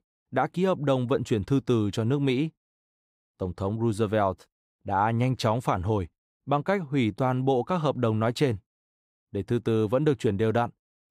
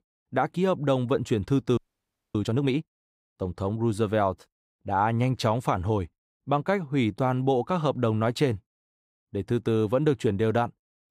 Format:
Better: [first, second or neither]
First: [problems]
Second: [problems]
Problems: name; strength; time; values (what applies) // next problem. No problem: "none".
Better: first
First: none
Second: audio freezing; at 2 s for 0.5 s